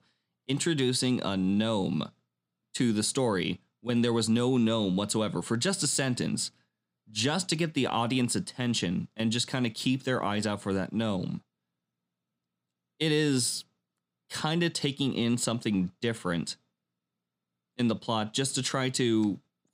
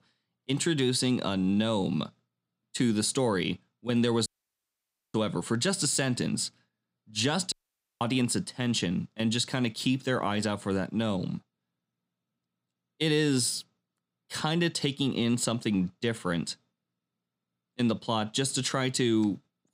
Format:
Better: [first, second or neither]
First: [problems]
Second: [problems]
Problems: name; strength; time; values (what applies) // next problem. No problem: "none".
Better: first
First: none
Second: audio cutting out; at 4.5 s for 1 s and at 7.5 s